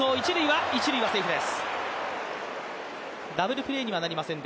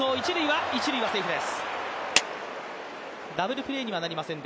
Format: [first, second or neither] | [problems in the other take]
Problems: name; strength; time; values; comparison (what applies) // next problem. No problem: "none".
first | background sound (Clapping); 3 dB below the speech